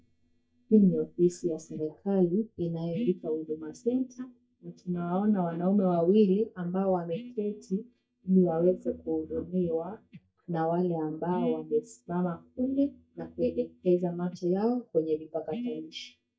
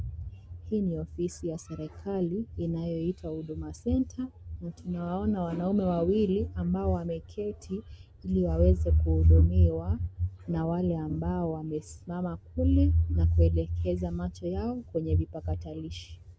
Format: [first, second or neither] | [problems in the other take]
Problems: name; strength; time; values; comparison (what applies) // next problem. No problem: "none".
second | noise reduction (neural mask model DeepFilterNet 3)